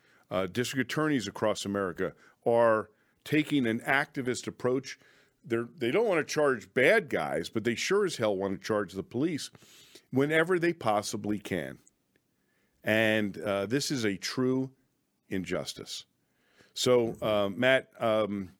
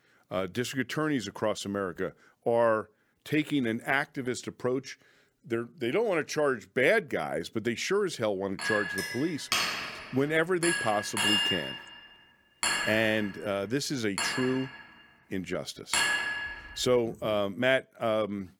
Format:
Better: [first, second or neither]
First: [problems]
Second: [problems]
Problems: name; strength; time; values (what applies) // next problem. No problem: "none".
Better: first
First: none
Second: clattering dishes; loud; from 8.5 to 17 s; peak 6 dB above the speech